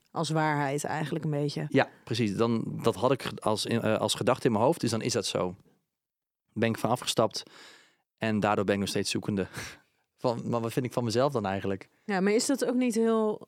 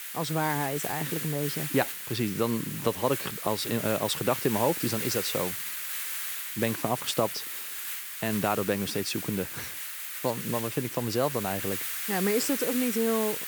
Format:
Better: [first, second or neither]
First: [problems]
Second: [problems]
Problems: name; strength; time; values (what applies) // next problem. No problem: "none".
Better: first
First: none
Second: hiss; loud; throughout; 3 dB below the speech